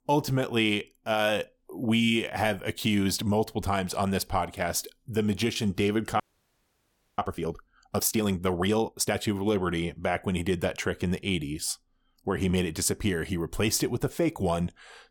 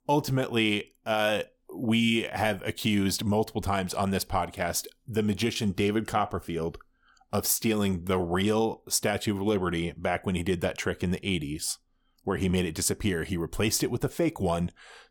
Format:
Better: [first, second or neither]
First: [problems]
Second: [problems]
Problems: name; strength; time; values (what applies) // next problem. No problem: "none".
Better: second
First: audio freezing; at 6 s for 1 s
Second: none